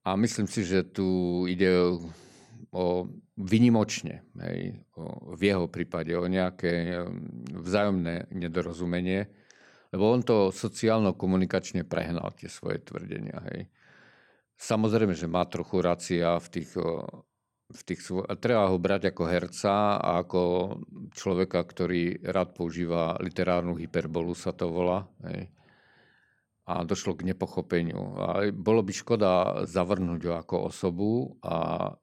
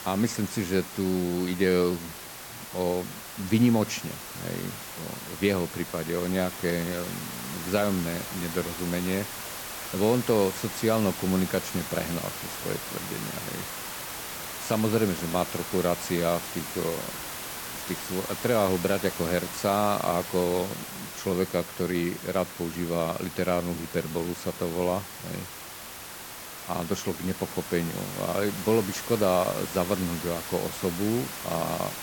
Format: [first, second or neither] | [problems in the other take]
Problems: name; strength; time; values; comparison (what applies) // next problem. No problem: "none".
first | hiss; loud; throughout; 7 dB below the speech